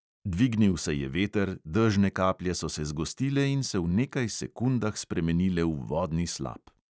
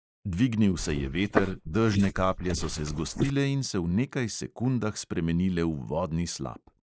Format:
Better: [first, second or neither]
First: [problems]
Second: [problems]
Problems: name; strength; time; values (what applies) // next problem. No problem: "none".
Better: first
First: none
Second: noise reduction (neural mask model Resemble Enhance denoiser)